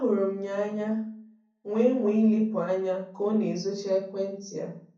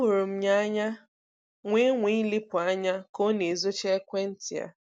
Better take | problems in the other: second | room echo; dies away in 0.6 s

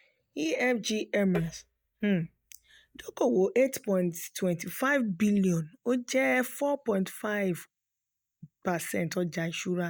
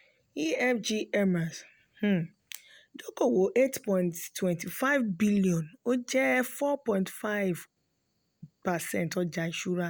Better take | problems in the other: second | noise reduction (neural mask model DeepFilterNet 3)

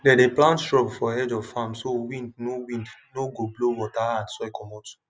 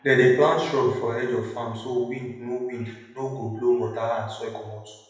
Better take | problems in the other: first | room echo; dies away in 0.9 s

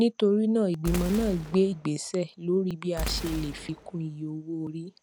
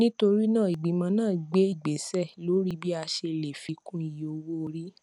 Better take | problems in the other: second | background sound (Boom); 10 dB below the speech

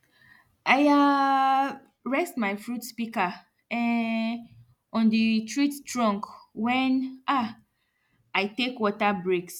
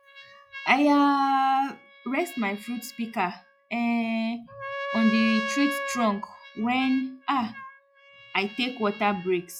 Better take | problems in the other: first | noise reduction (classical method log-MMSE)

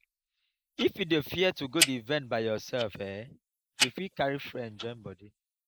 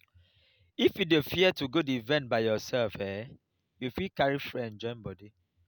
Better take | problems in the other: second | noise reduction (neural mask model Resemble Enhance denoiser)

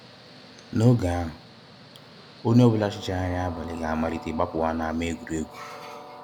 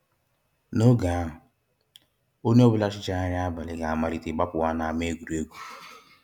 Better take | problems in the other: second | background sound (Train); 17 dB below the speech

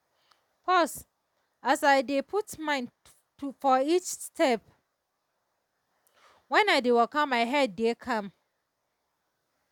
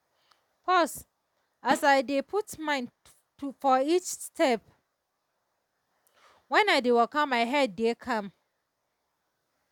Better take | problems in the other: first | background sound (Snare drum); 15 dB below the speech

